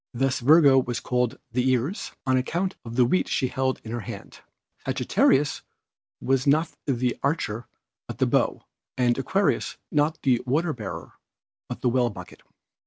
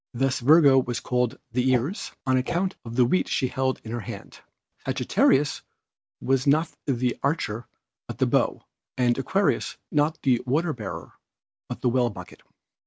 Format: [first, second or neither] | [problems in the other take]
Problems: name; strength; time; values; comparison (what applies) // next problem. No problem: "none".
first | background sound (Whoosh, swoosh, swish); 10 dB below the speech